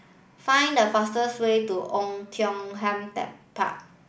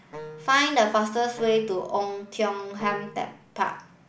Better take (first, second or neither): first